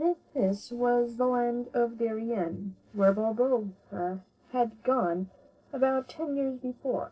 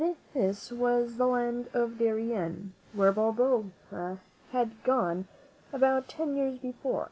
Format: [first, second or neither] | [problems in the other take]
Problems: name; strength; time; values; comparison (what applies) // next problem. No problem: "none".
second | noise reduction (neural separator model SepFormer DNS4)